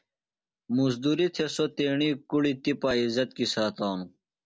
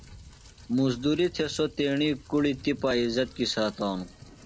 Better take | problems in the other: first | background sound (Rain); 20 dB below the speech

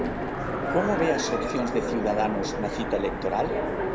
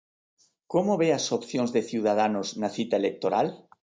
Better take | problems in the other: second | background sound (Train); as loud as the speech

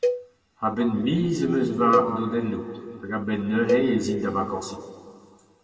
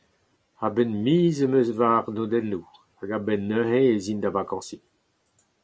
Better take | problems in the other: second | background sound (Cowbell); 7 dB below the speech // room echo; dies away in 1.8 s

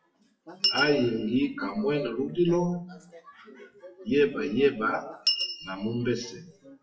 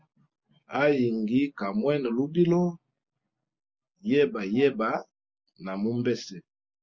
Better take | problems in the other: second | noise reduction (classical method WPE with log-MMSE)

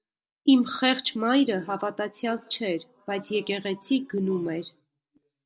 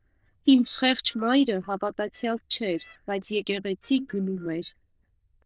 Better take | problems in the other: first | noise reduction (neural diffusion model UNIVERSE++)

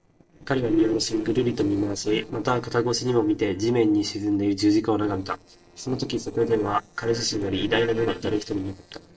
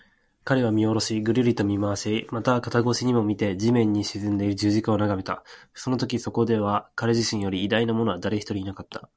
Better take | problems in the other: second | noise reduction (neural separator model SepFormer DNS4)

